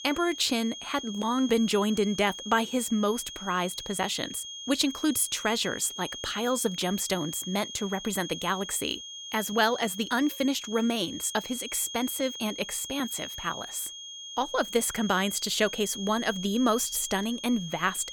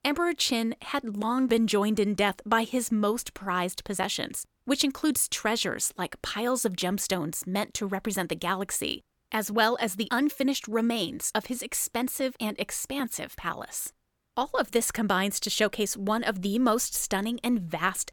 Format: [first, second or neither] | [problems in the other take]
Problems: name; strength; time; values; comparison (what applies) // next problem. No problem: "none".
second | high-pitched whine; loud; throughout; 3.5 kHz, 9 dB below the speech